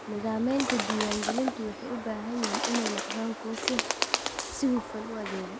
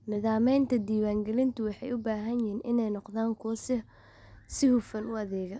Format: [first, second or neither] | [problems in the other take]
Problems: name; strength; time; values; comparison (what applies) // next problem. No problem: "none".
second | background sound (Bird); 2 dB below the speech